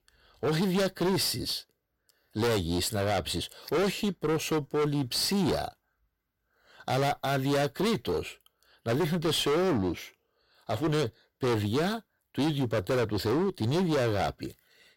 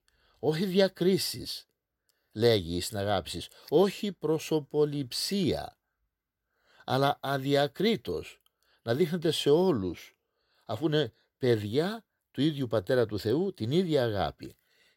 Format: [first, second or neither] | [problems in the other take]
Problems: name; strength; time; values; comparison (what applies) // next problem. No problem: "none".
second | distortion; heavy; 21% of the sound clipped